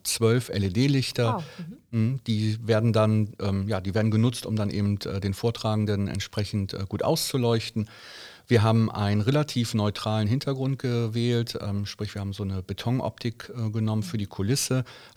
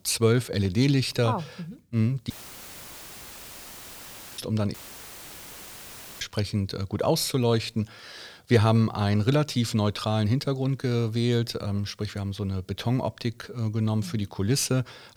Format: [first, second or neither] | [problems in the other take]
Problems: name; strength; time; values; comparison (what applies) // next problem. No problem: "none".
first | audio cutting out; filled with static; at 2.5 s for 2 s and at 4.5 s for 1.5 s